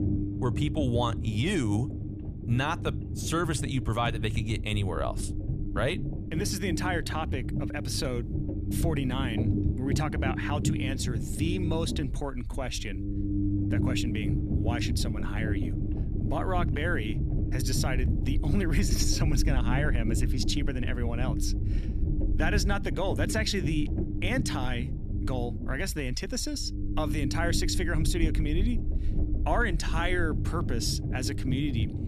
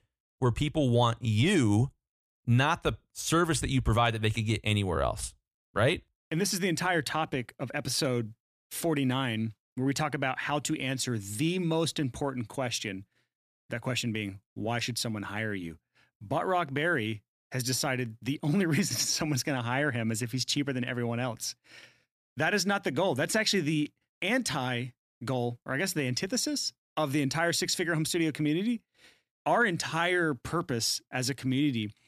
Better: second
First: low rumble; loud; throughout; 7 dB below the speech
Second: none

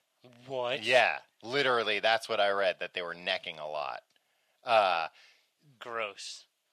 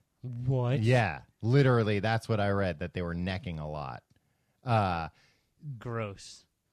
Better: second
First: thin; very; fading below 600 Hz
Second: none

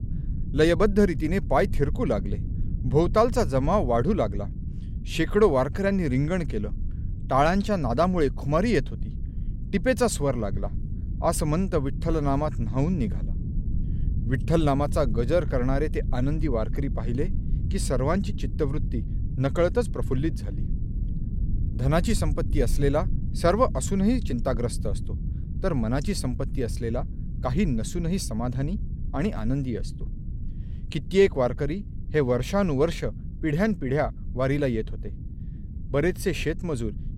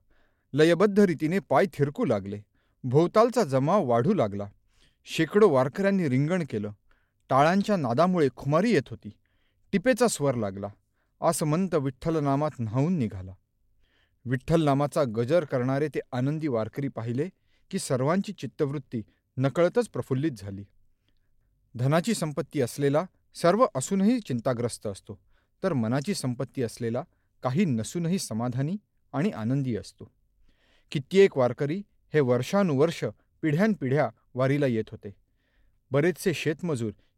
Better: second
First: low rumble; noticeable; throughout; 20 dB below the speech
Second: none

